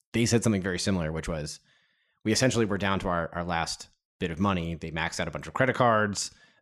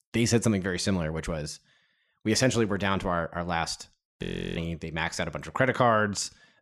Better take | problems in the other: first | audio freezing; at 4 s

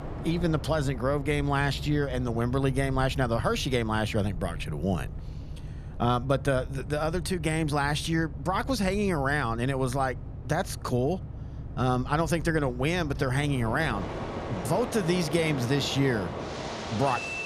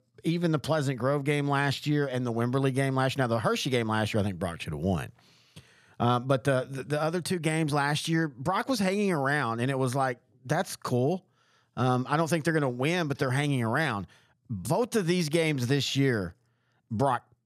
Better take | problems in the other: second | train or aircraft noise; loud; throughout; 9 dB below the speech

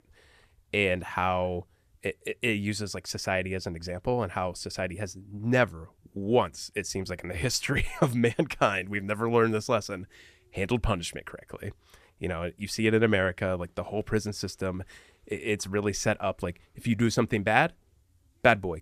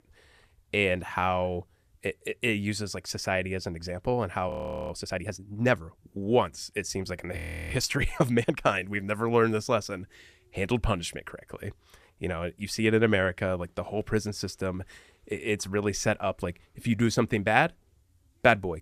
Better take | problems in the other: first | audio freezing; at 4.5 s and at 7.5 s

